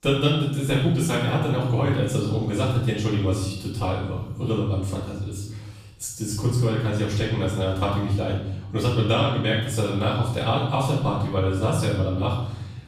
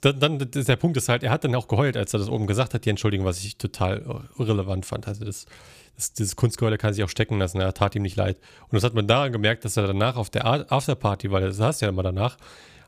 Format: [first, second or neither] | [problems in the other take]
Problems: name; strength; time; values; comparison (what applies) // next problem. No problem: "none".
second | off-mic speech; far // room echo; noticeable; dies away in 0.9 s